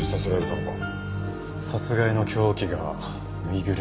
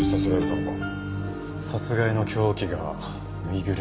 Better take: first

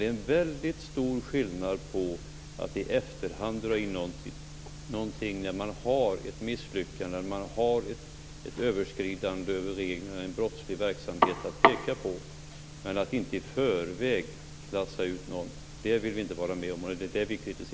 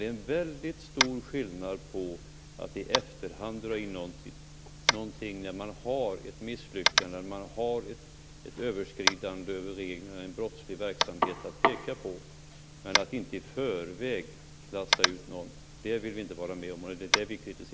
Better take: first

